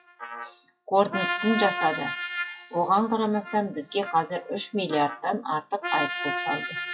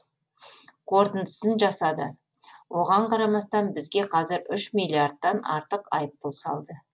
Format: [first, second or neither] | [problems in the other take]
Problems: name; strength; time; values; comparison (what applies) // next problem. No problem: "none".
second | noise reduction (classical method WPE with log-MMSE)